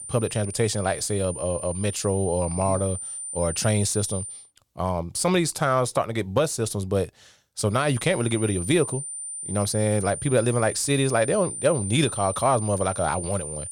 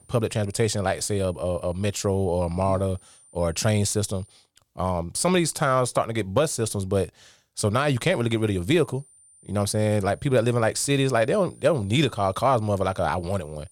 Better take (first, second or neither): second